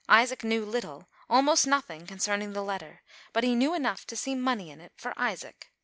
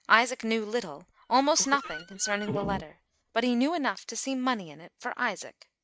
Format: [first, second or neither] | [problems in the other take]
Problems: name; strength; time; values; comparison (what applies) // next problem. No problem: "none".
first | noise reduction (neural mask model RNNoise)